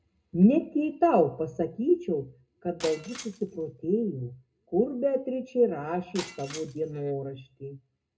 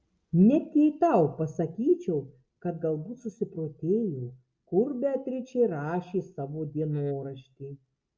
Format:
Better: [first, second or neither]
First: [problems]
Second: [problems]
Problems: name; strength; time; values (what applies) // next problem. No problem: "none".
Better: second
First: background sound (Shatter); 17 dB below the speech // room echo; dies away in 0.2 s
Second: none